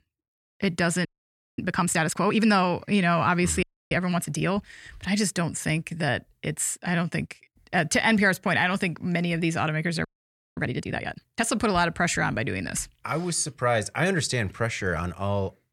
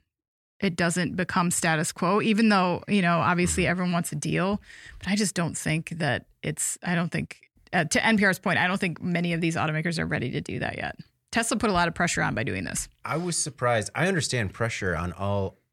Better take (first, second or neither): second